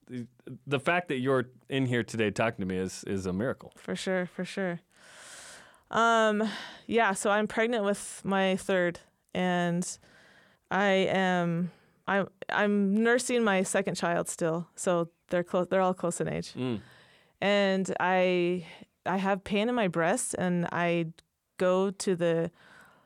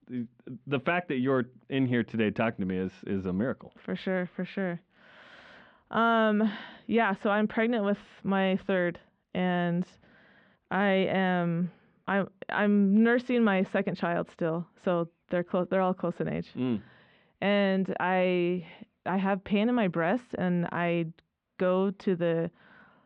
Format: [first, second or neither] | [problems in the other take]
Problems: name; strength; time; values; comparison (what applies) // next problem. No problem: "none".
first | muffled; very; fading above 3.5 kHz